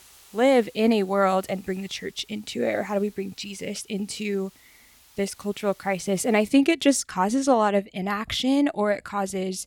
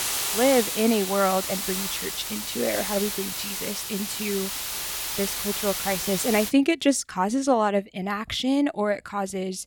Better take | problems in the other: first | hiss; loud; until 6.5 s; 2 dB below the speech; faint in the first

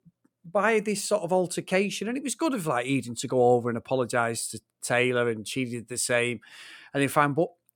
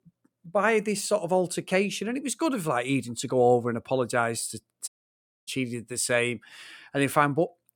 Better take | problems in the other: first | audio cutting out; at 5 s for 0.5 s

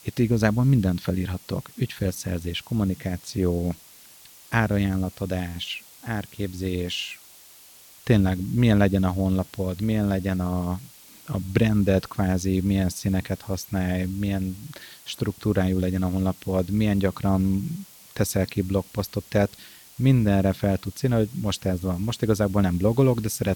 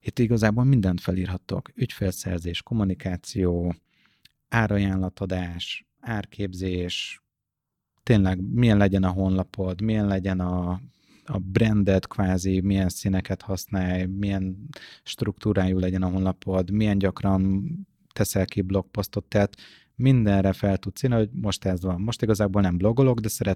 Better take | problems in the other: second | hiss; faint; throughout; 20 dB below the speech

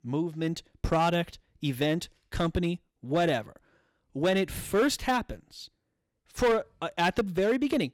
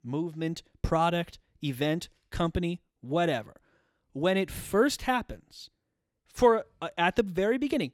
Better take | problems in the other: second | distortion; slight; 5% of the sound clipped

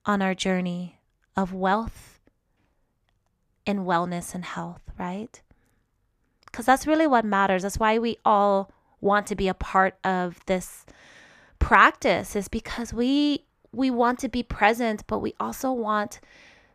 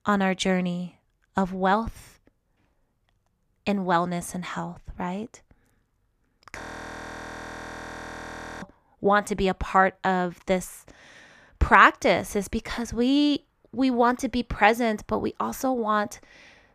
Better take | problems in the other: first | audio freezing; at 6.5 s for 2 s

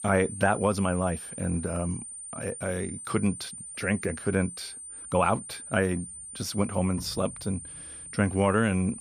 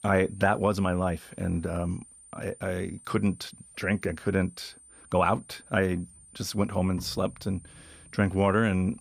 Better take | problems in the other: second | high-pitched whine; loud; throughout; 9 kHz, 10 dB below the speech; faint in the second

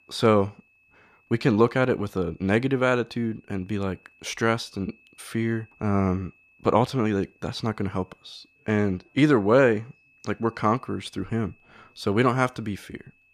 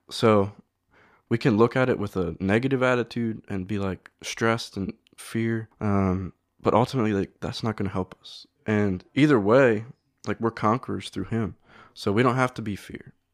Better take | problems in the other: second | high-pitched whine; faint; throughout; 2.5 kHz, 35 dB below the speech

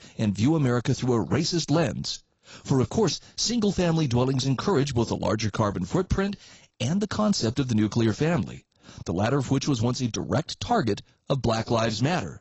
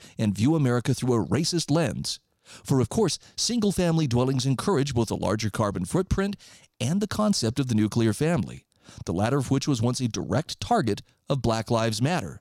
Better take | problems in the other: second | garbled, watery; badly; nothing above 7.5 kHz

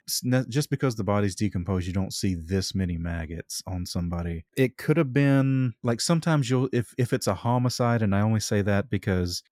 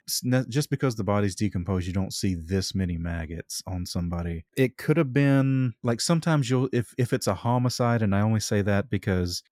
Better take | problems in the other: neither | none

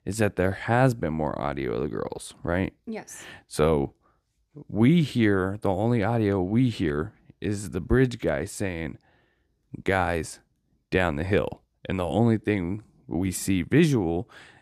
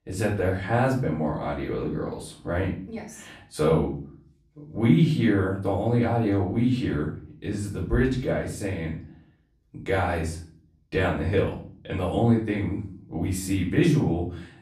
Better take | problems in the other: first | off-mic speech; far // room echo; slight; dies away in 0.4 s

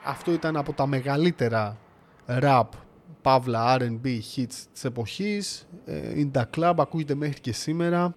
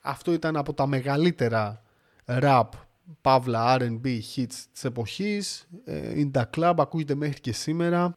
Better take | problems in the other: second | train or aircraft noise; faint; throughout; 25 dB below the speech

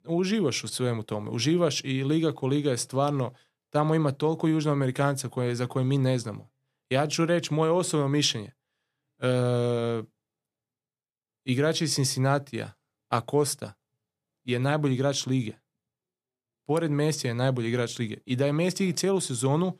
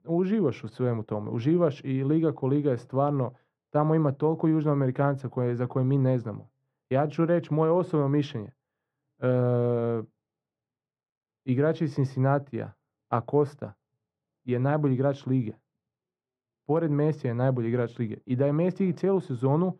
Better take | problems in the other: first | muffled; very; fading above 3 kHz

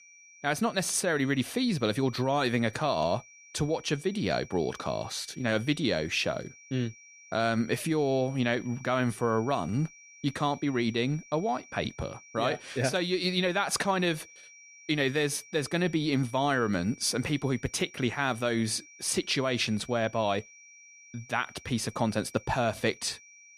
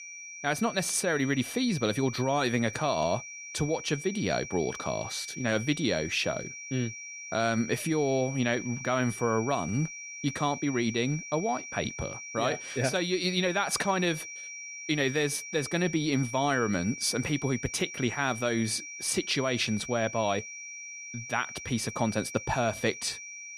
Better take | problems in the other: first | high-pitched whine; loud; throughout; 2.5 kHz, 10 dB below the speech; faint in the first

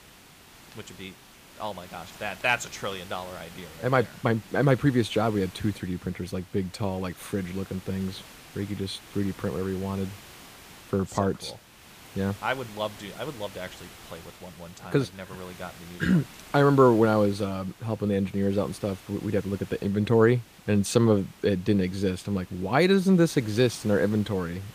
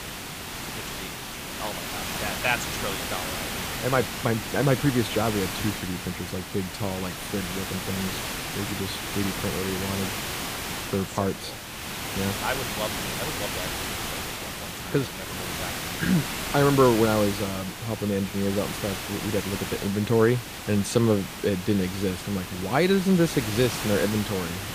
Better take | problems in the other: first | hiss; loud; throughout; 4 dB below the speech; faint in the first

